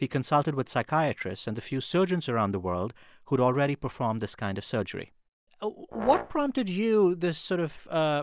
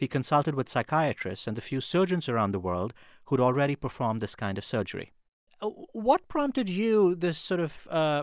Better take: second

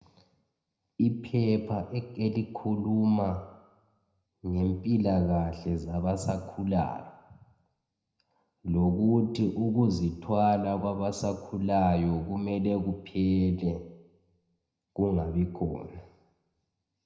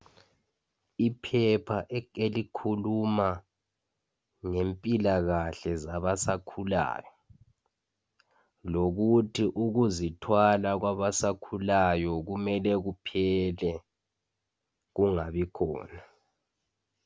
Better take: second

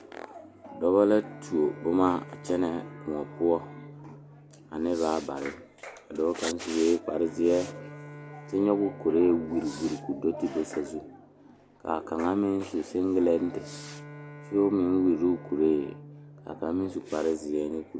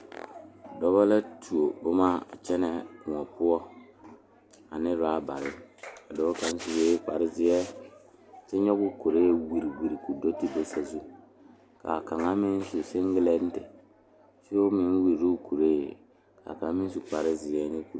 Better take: second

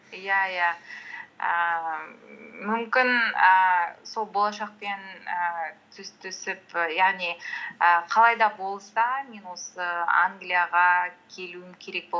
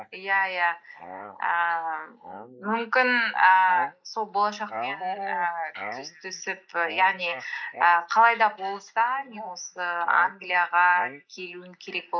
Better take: first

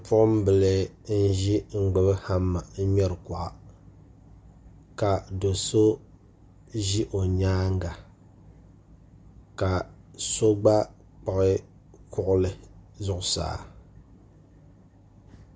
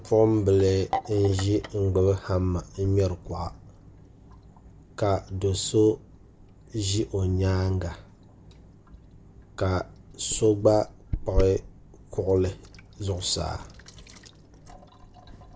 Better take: first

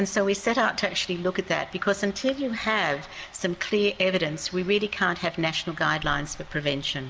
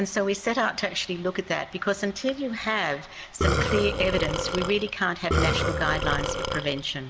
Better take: first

